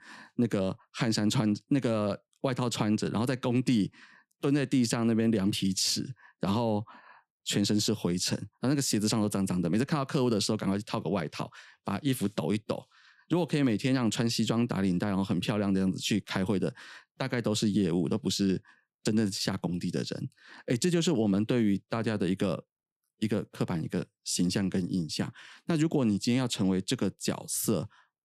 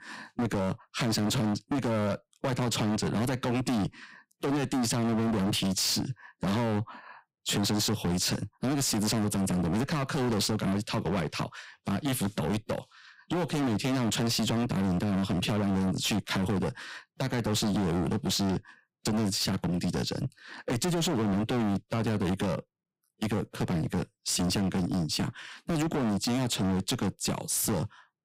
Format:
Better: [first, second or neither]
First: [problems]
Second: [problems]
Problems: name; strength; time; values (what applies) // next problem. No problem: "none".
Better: first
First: none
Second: distortion; heavy; 30% of the sound clipped